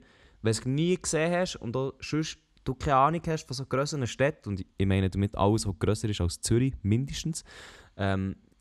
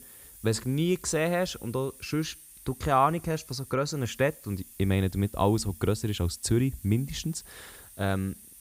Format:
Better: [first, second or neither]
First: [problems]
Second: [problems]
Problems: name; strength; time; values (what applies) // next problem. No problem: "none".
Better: first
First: none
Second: hiss; noticeable; throughout; 20 dB below the speech